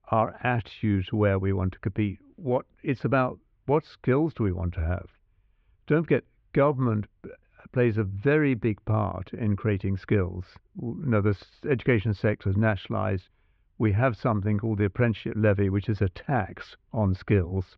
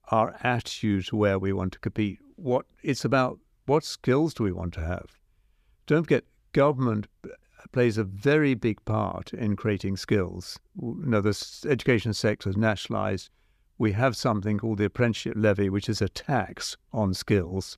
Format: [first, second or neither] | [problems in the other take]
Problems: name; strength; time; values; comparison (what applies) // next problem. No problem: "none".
second | muffled; very; fading above 3 kHz